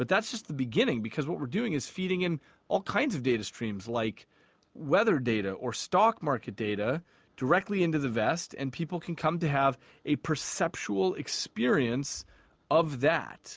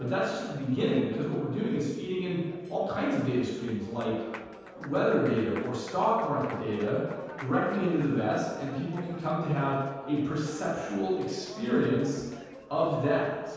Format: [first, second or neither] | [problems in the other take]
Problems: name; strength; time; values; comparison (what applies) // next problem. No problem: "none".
first | background sound (Applause); 17 dB below the speech // room echo; dies away in 1.2 s